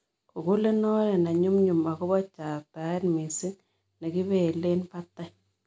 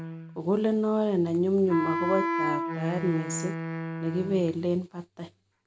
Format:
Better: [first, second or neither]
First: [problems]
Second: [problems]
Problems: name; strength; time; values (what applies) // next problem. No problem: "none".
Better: first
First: none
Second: background sound (Wind instrument, woodwind instrument); 5 dB below the speech